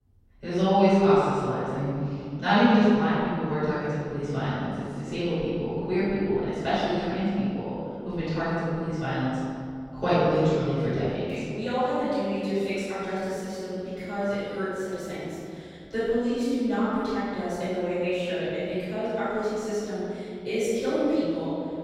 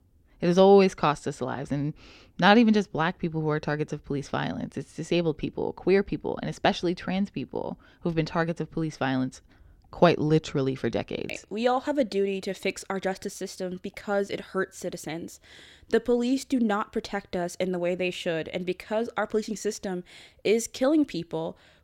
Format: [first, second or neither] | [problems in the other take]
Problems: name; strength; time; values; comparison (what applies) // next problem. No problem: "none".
second | off-mic speech; far // room echo; strong; dies away in 2.2 s